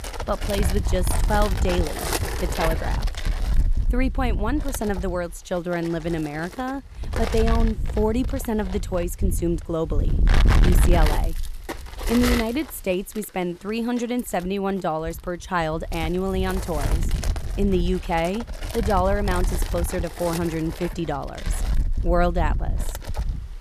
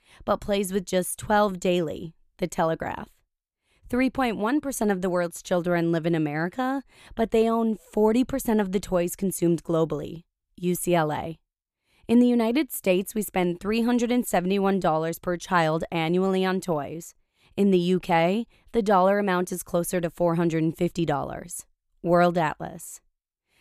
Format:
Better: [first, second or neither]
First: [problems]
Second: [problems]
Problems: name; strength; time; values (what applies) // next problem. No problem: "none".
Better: second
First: wind noise on the microphone; heavy; 6 dB below the speech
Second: none